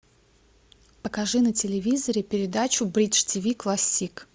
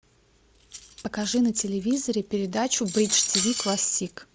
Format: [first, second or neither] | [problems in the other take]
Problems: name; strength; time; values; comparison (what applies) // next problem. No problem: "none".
first | background sound (Cutlery, silverware); 7 dB below the speech